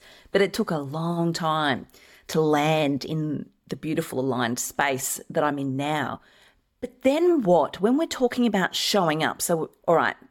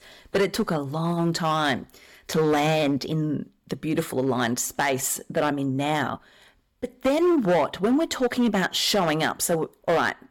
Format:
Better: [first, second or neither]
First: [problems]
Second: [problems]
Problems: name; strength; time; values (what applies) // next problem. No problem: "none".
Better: first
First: none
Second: distortion; slight; 7% of the sound clipped